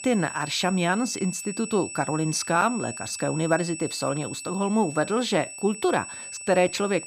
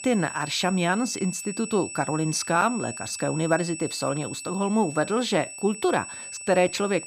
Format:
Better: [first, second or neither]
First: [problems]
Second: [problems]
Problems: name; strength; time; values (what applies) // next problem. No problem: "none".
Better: neither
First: high-pitched whine; loud; throughout; 8 kHz, 10 dB below the speech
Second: high-pitched whine; loud; throughout; 8 kHz, 10 dB below the speech